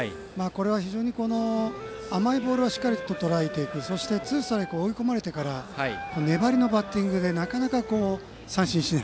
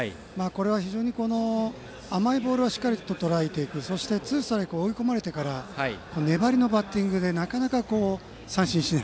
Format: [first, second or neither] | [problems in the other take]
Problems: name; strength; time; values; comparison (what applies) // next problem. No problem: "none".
second | background sound (Wind instrument, woodwind instrument); 13 dB below the speech